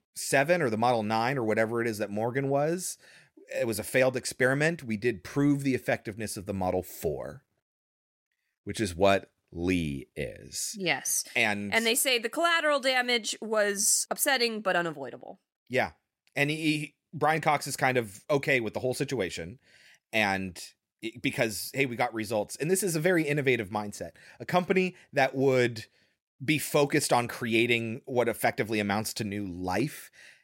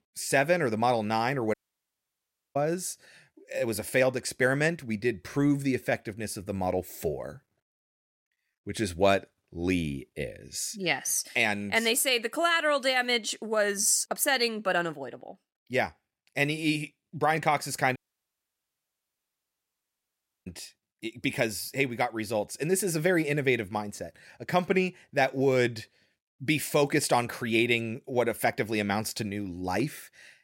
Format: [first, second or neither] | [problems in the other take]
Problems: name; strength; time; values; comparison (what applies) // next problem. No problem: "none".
first | audio cutting out; at 1.5 s for 1 s and at 18 s for 2.5 s